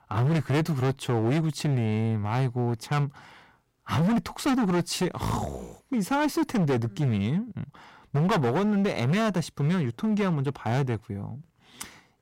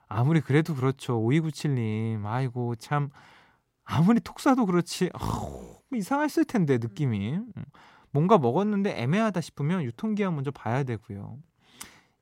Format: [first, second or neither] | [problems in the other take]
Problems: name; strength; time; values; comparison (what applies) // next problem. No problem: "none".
second | distortion; heavy; 15% of the sound clipped